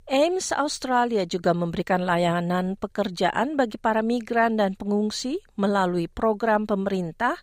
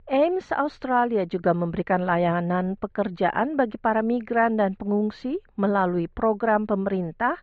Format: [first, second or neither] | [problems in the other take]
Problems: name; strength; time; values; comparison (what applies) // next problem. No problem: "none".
first | muffled; very; fading above 2.5 kHz